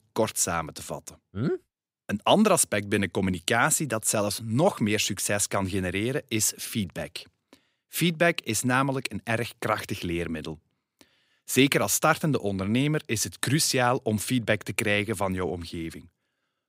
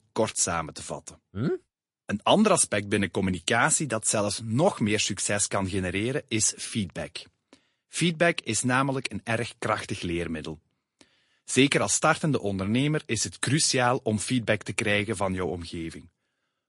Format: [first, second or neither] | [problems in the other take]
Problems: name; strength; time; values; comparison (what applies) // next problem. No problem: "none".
first | garbled, watery; slightly; nothing above 10.5 kHz